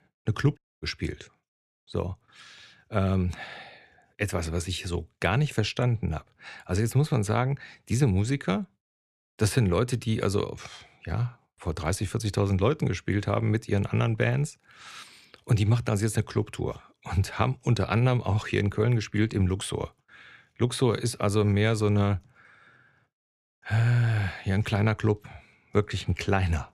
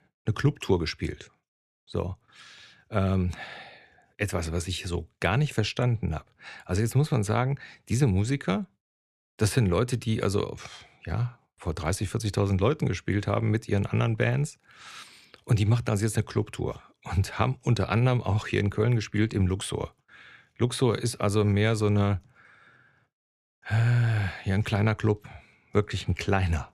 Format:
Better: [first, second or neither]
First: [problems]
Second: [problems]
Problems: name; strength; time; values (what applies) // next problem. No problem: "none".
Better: second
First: audio cutting out; at 0.5 s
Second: none